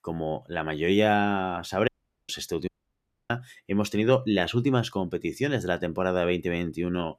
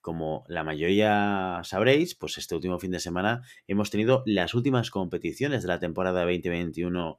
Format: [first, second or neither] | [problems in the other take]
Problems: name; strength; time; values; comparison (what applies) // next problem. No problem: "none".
second | audio cutting out; at 2 s and at 2.5 s for 0.5 s